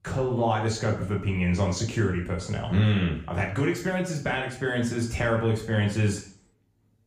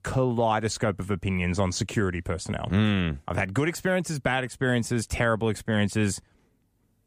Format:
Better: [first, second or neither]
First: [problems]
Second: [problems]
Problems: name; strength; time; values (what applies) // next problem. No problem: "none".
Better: second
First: room echo; slight; dies away in 0.5 s // off-mic speech; far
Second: none